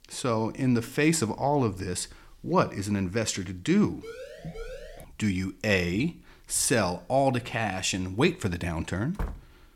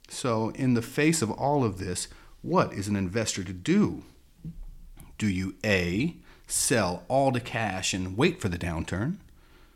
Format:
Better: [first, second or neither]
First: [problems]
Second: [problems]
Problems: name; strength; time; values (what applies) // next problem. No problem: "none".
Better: second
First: siren; faint; from 4 to 5 s; peak 15 dB below the speech // door banging; faint; at 9 s; peak 10 dB below the speech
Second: none